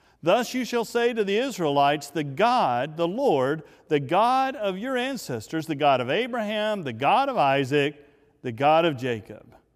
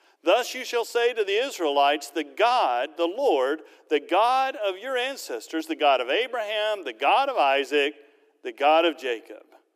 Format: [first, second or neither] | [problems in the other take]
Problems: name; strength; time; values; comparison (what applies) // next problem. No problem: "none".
first | thin; somewhat; fading below 300 Hz